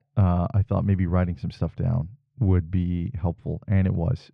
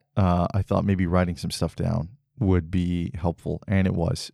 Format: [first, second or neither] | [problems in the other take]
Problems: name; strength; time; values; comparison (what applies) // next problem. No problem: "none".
second | muffled; slightly; fading above 2.5 kHz